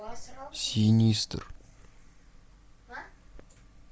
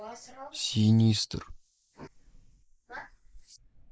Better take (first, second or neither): first